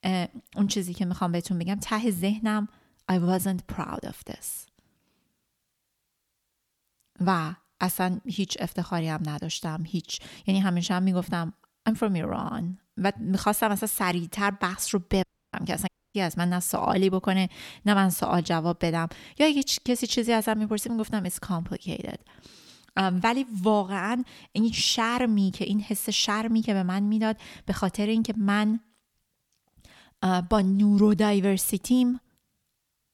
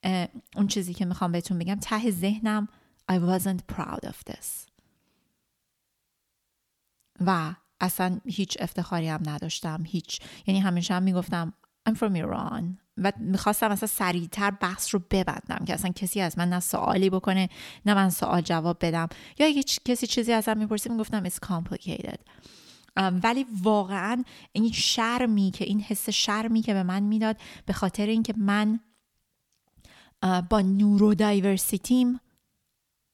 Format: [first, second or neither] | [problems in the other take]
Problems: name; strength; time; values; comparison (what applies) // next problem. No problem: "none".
second | audio cutting out; at 15 s and at 16 s